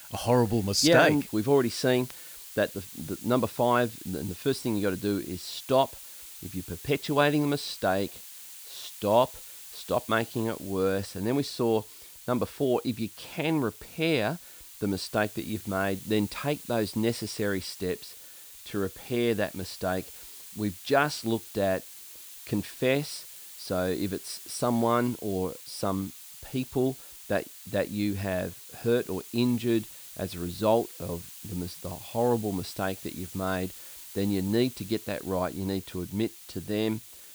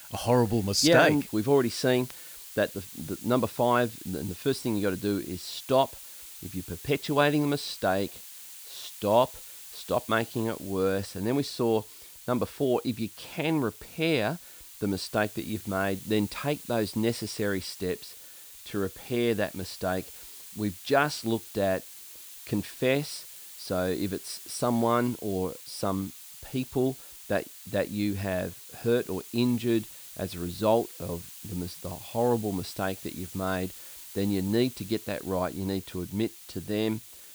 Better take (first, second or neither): neither